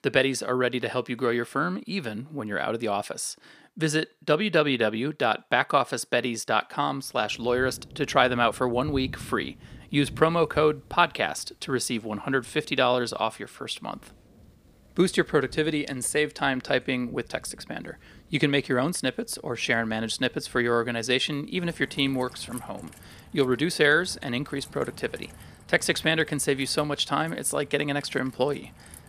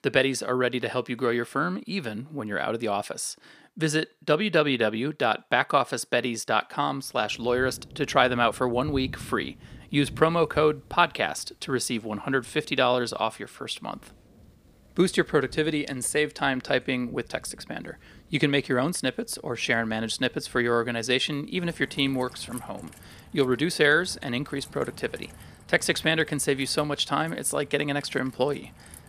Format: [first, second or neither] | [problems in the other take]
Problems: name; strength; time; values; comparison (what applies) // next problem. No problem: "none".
neither | rain or running water; faint; from 7.5 s on; 20 dB below the speech; the same in both